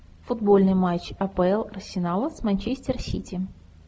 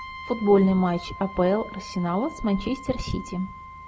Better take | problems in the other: first | background sound (Brass instrument); 15 dB below the speech

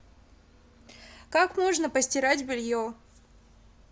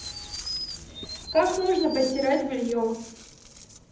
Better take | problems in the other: first | background sound (Chirp, tweet); 11 dB below the speech // room echo; dies away in 0.8 s

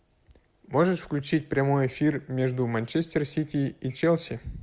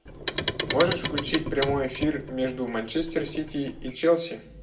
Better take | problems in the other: first | background sound (Clock); 5 dB below the speech // room echo; dies away in 0.2 s

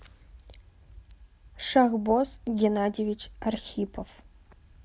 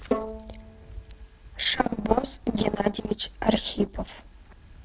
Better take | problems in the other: first | noise reduction (neural separator model SepFormer DNS4)

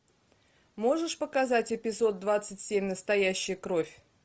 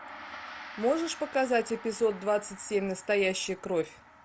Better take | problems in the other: first | background sound (Gong); 16 dB below the speech

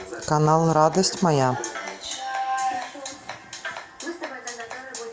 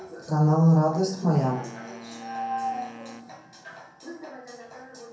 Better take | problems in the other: first | background sound (Wind instrument, woodwind instrument); 19 dB below the speech // room echo; dies away in 0.5 s

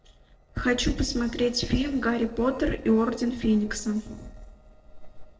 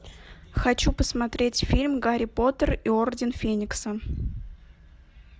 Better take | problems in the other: second | noise reduction (neural separator model SepFormer DNS4)

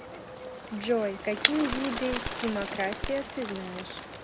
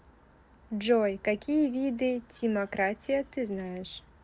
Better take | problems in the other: second | background sound (Shatter + Bird); 3 dB below the speech

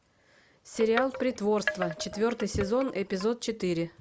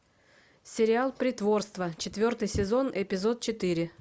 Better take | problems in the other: second | background sound (Wind chime); 8 dB below the speech

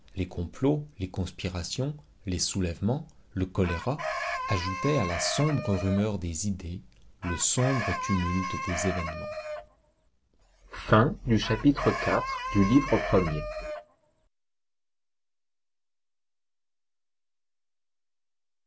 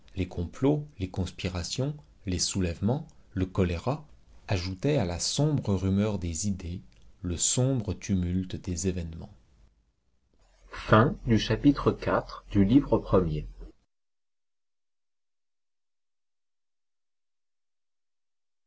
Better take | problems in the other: second | background sound (Chicken, rooster); 5 dB below the speech

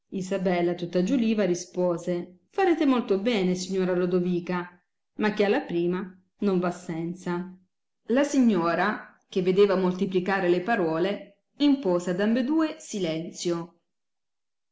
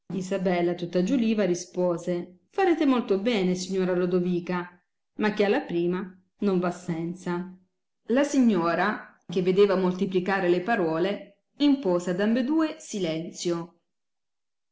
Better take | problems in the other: first | background sound (Snare drum); 19 dB below the speech

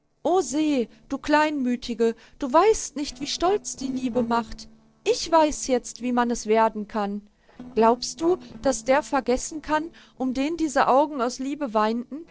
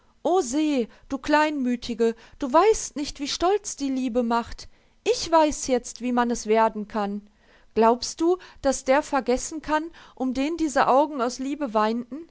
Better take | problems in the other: second | noise reduction (neural separator model SepFormer DNS4)

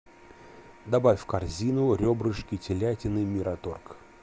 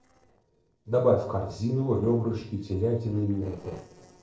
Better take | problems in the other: first | noise reduction (neural separator model SepFormer DNS4)

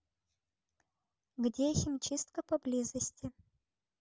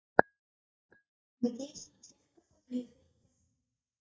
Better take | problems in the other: first | noise reduction (neural mask model DeepFilterNet 3)

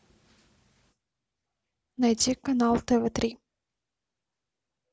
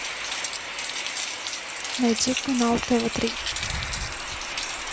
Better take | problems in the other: first | background sound (Rain); 2 dB below the speech

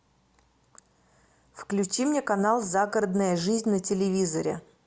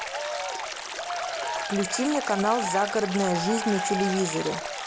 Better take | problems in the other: first | background sound (Stream + Cheering); 3 dB below the speech

